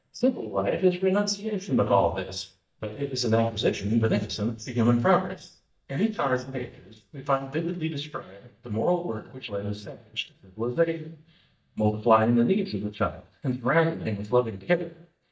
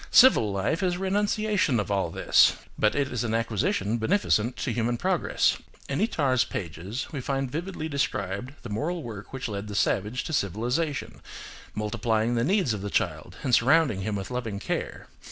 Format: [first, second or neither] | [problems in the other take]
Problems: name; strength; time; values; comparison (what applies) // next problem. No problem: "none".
second | noise reduction (neural mask model DeepFilterNet 3)